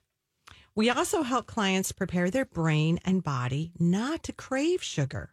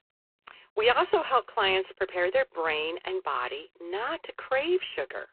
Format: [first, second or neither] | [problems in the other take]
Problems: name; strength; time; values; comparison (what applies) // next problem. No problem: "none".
first | phone-call audio; poor line